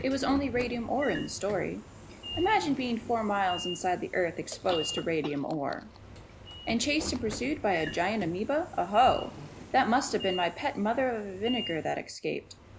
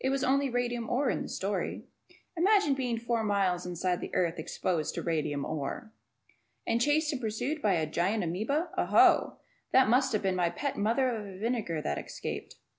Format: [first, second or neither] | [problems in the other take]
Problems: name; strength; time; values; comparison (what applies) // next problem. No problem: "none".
second | background sound (Sliding door / Train + Chewing, mastication / Cough); 12 dB below the speech